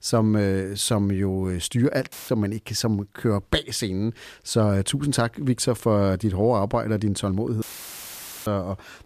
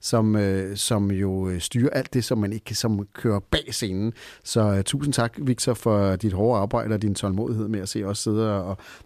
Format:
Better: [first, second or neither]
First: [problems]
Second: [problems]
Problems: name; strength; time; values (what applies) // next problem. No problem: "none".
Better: second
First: audio cutting out; filled with static; at 2 s and at 7.5 s for 1 s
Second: none